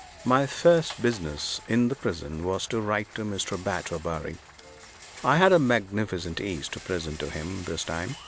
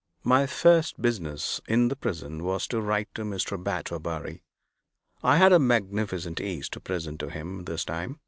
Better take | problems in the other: second | background sound (Applause + Rattle); 19 dB below the speech

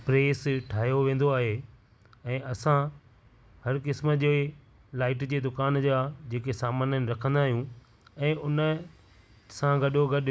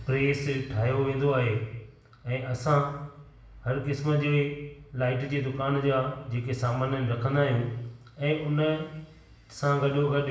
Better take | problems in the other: first | room echo; dies away in 0.8 s

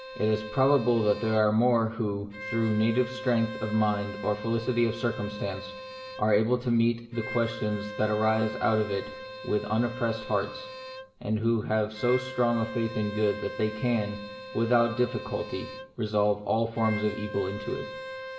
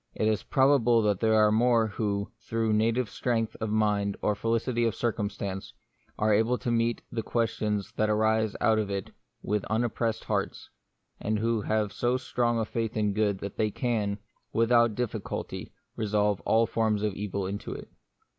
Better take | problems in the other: second | background sound (Bowed string instrument); 12 dB below the speech // room echo; dies away in 1.1 s

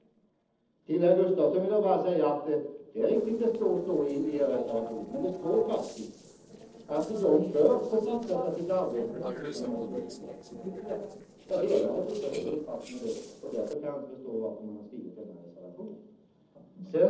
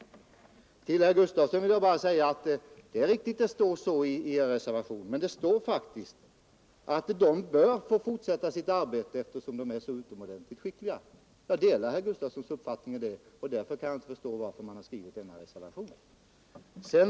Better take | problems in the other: second | noise reduction (neural separator model SepFormer DNS4)

